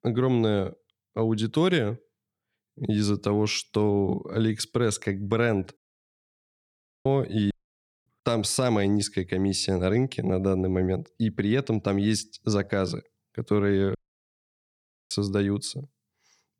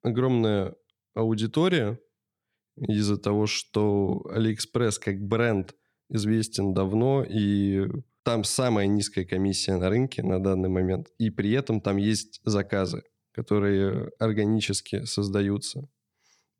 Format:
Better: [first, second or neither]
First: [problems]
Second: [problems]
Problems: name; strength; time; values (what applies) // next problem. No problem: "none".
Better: second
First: audio cutting out; at 6 s for 1.5 s, at 7.5 s for 0.5 s and at 14 s for 1 s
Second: none